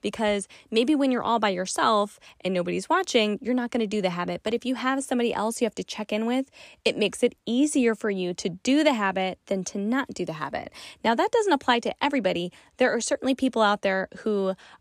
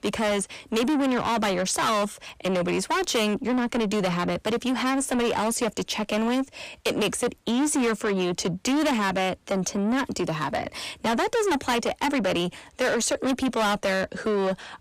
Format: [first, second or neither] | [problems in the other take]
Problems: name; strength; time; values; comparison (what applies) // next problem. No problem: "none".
first | distortion; heavy; 6 dB below the speech